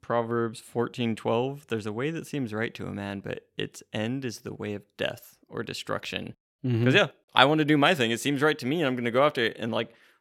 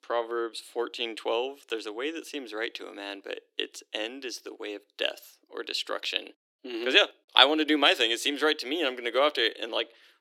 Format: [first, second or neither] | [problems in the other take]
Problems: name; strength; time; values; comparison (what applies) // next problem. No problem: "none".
first | thin; somewhat; fading below 300 Hz